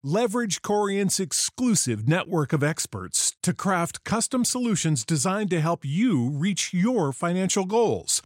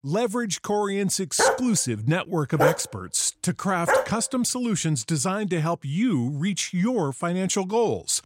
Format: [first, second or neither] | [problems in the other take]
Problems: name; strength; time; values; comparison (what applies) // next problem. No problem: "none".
first | dog barking; loud; from 1.5 to 4 s; peak 2 dB above the speech